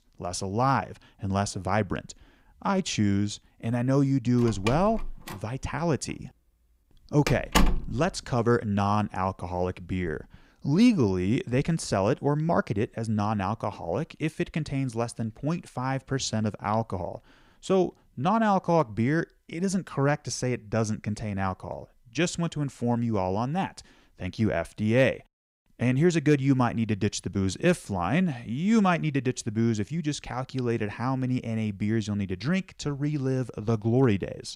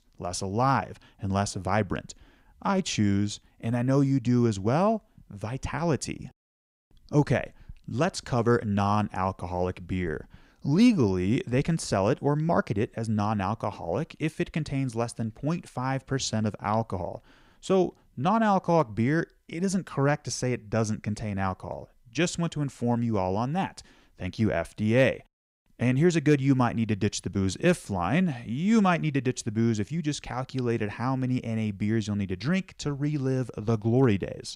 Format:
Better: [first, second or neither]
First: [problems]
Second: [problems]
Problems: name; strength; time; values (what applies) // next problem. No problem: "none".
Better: second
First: door banging; loud; from 4.5 to 8 s; peak 2 dB above the speech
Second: none